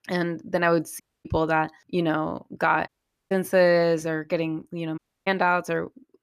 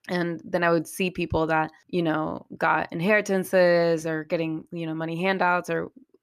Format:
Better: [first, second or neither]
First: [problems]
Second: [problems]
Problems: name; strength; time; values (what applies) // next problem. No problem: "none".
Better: second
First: audio cutting out; at 1 s, at 3 s and at 5 s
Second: none